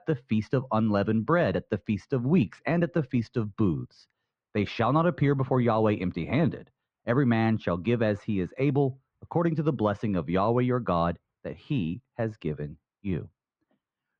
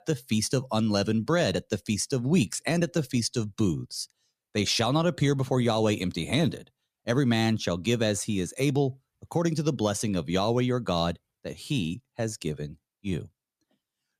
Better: second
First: muffled; very; fading above 2.5 kHz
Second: none

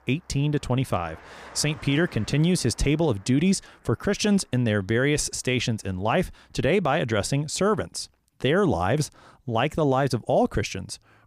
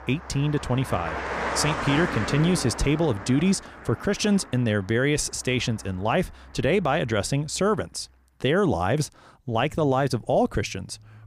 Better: first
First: traffic noise; faint; throughout; 25 dB below the speech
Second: traffic noise; loud; throughout; 8 dB below the speech

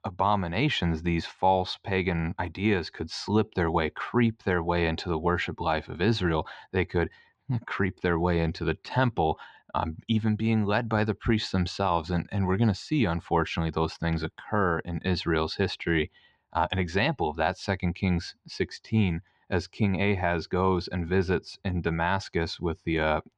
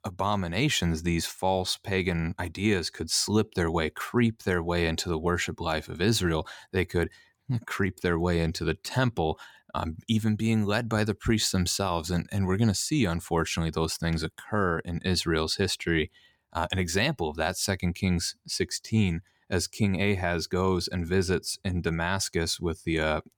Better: second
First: muffled; slightly; fading above 3.5 kHz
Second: none

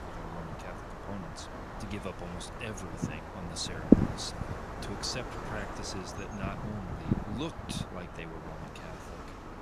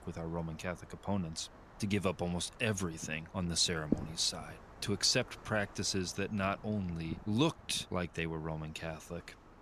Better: second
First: wind noise on the microphone; heavy; 3 dB above the speech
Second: wind noise on the microphone; occasional gusts; 15 dB below the speech

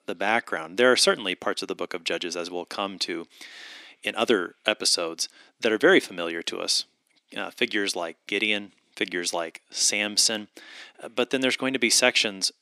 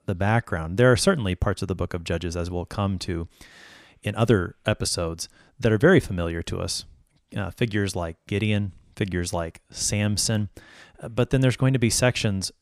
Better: second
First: thin; somewhat; fading below 300 Hz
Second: none

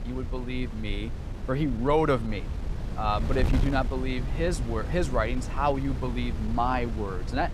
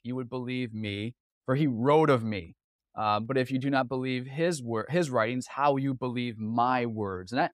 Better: second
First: wind noise on the microphone; occasional gusts; 15 dB below the speech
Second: none

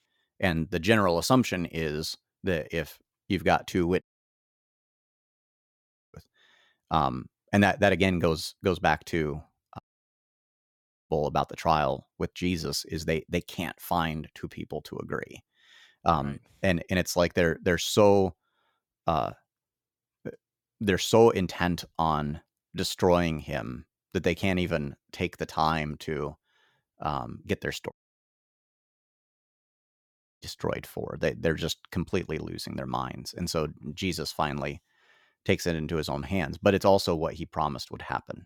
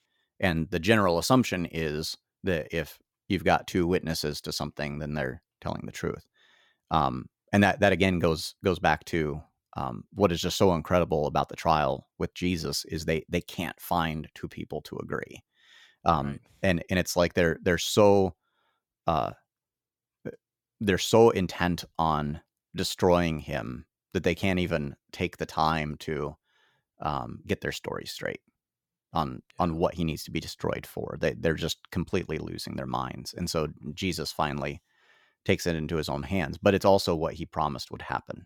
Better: second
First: audio cutting out; at 4 s for 2 s, at 10 s for 1.5 s and at 28 s for 2.5 s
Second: none

